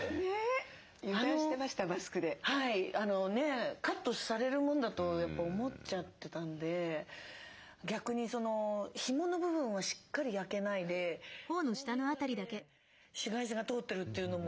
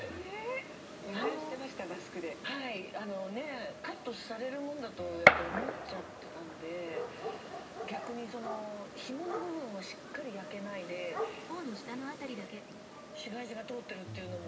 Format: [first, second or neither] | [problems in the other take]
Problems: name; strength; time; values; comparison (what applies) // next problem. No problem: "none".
first | background sound (Gunshot, gunfire); 3 dB above the speech // room echo; dies away in 0.2 s